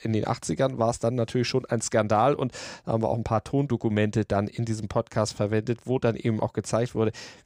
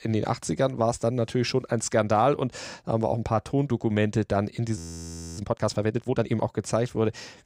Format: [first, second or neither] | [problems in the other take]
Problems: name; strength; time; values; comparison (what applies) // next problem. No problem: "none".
first | audio freezing; at 5 s for 0.5 s